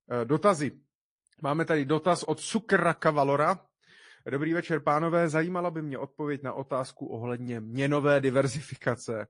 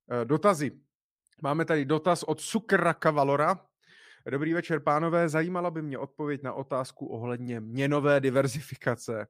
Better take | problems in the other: second | garbled, watery; slightly; nothing above 10 kHz

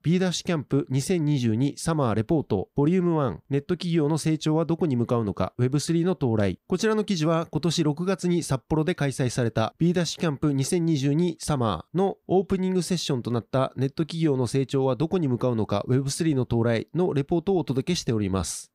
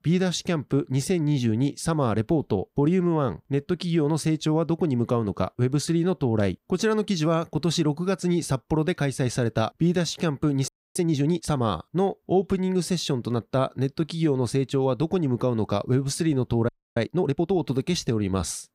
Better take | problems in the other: first | audio freezing; at 11 s and at 17 s

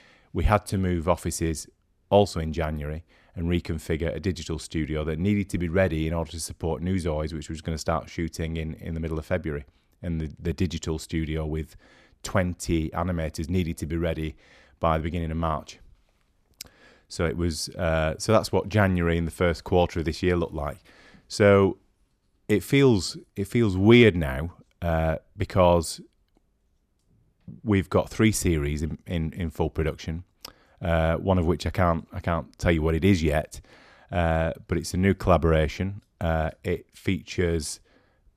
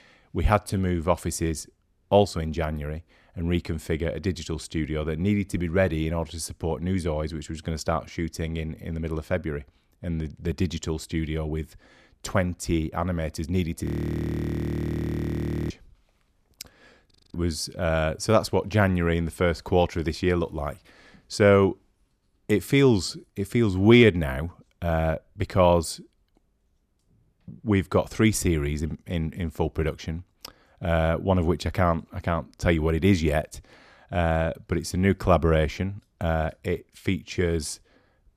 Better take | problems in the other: first | audio freezing; at 14 s for 2 s and at 17 s

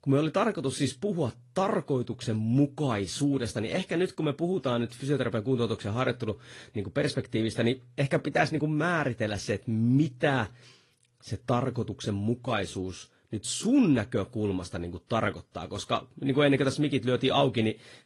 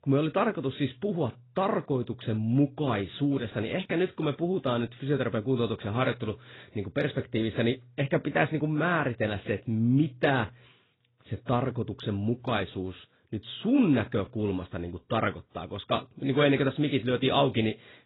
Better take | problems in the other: first | garbled, watery; badly; nothing above 4 kHz; slightly in the first

